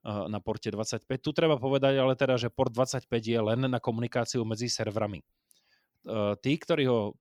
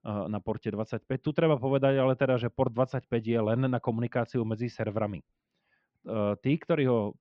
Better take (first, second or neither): first